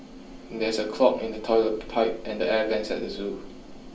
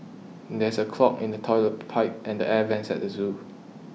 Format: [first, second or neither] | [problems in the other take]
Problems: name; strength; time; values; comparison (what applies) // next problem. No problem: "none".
second | background sound (Sliding door); 17 dB below the speech // room echo; dies away in 0.3 s